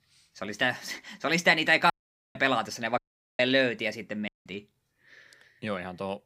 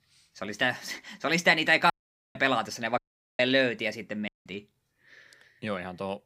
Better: neither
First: audio cutting out; at 2 s, at 3 s and at 4.5 s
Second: audio cutting out; at 2 s, at 3 s and at 4.5 s

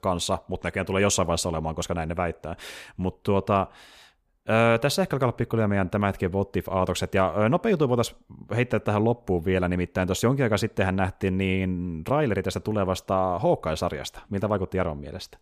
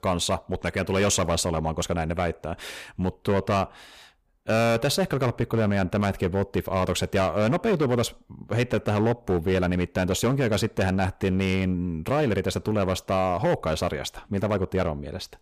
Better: first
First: none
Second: distortion; slight; 10% of the sound clipped

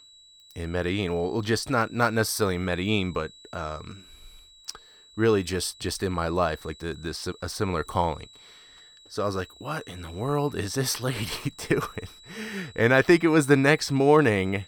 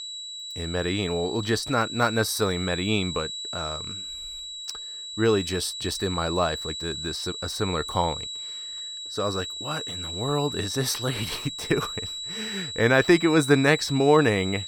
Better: first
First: high-pitched whine; faint; throughout; 4 kHz, 25 dB below the speech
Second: high-pitched whine; loud; throughout; 4 kHz, 7 dB below the speech

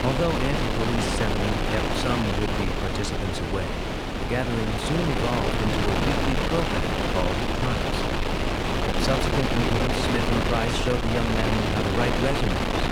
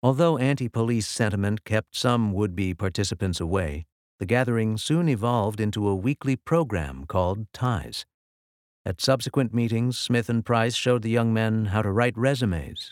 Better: second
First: wind noise on the microphone; heavy; 5 dB above the speech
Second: none

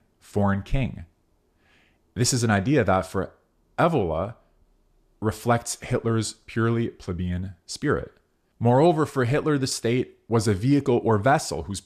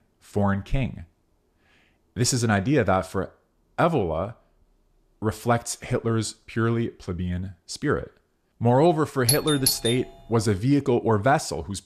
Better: first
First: none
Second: doorbell; loud; at 9.5 s; peak 2 dB above the speech

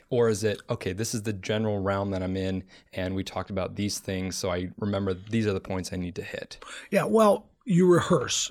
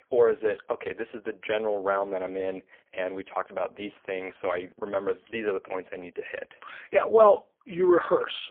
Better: first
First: none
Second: phone-call audio; poor line; nothing above 3 kHz

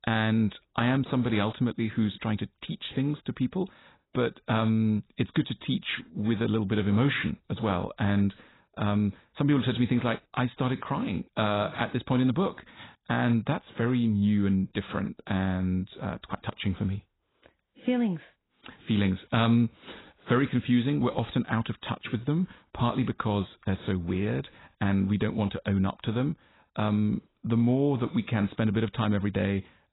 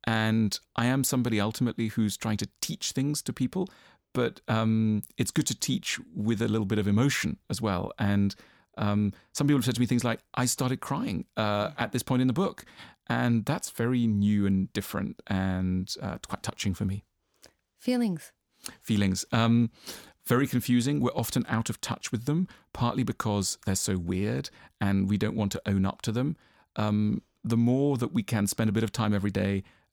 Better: second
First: garbled, watery; badly; nothing above 4 kHz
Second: none

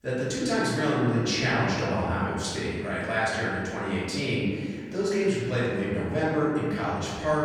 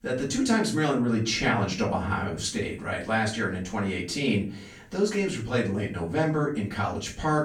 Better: second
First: room echo; strong; dies away in 1.8 s // off-mic speech; far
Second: room echo; slight; dies away in 0.3 s // off-mic speech; far

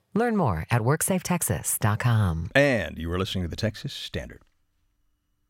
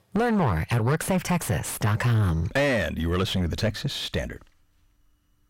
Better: first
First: none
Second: distortion; heavy; 6 dB below the speech

